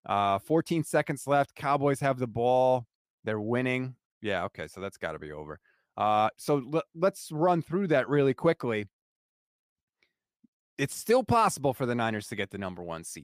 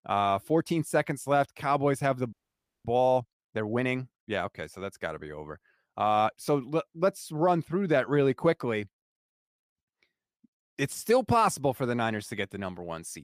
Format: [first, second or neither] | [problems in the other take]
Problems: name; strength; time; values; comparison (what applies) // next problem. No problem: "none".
first | audio freezing; at 2.5 s for 0.5 s